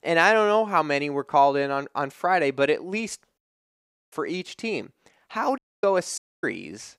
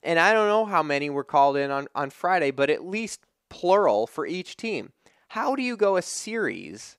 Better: second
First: audio cutting out; at 3.5 s for 0.5 s, at 5.5 s and at 6 s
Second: none

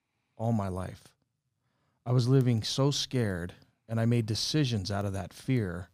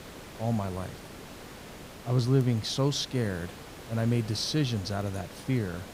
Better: first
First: none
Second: hiss; noticeable; throughout; 15 dB below the speech

